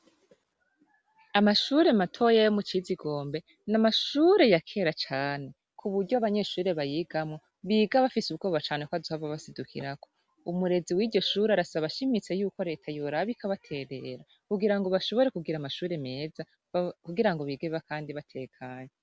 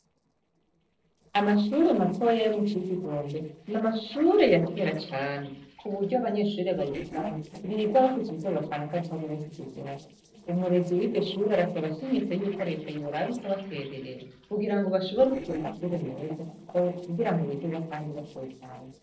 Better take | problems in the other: first | noise reduction (neural separator model SepFormer DNS4)

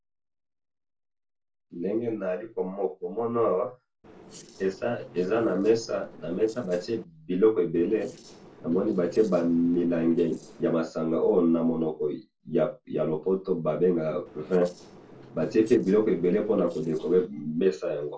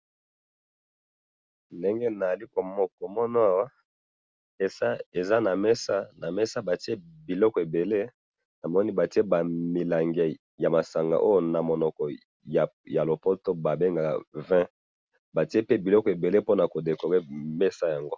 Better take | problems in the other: second | noise reduction (neural separator model SepFormer DNS4)

